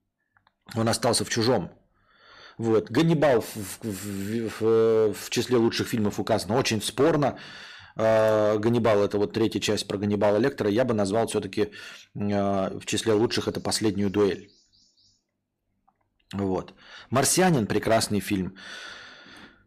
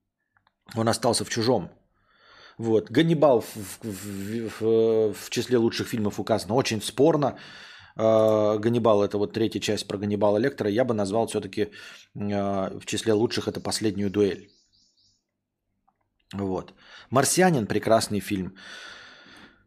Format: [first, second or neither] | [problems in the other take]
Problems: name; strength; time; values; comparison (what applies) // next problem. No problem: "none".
second | distortion; slight; 5% of the sound clipped